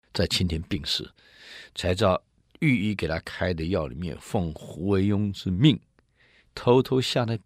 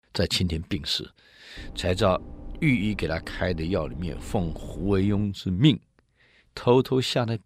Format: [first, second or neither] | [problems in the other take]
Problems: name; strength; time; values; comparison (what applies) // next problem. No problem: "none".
first | low rumble; faint; from 1.5 to 5 s; 20 dB below the speech